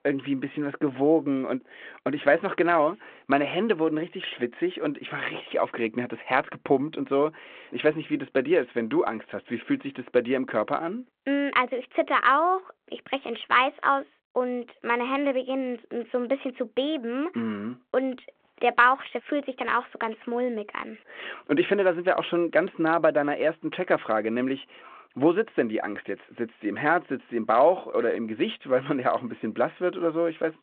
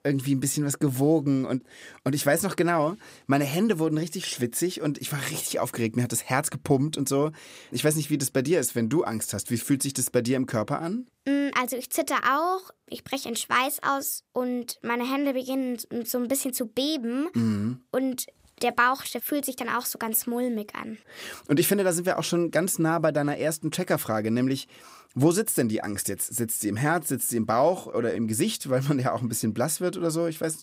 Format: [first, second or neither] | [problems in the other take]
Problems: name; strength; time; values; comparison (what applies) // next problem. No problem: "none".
second | phone-call audio